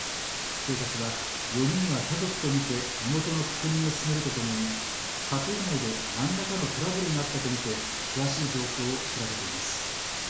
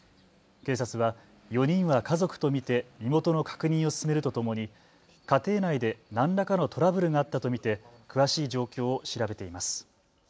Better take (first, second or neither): second